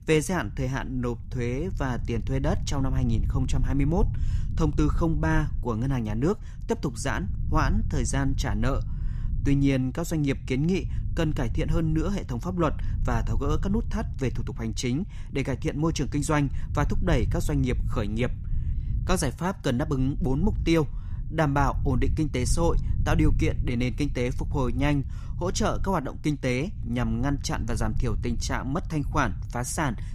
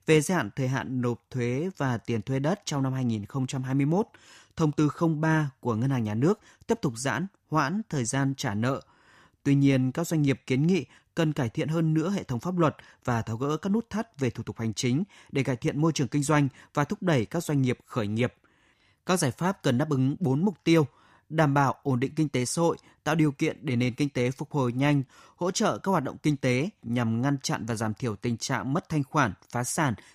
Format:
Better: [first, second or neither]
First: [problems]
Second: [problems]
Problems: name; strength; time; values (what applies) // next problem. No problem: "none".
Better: second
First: low rumble; noticeable; throughout; 15 dB below the speech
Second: none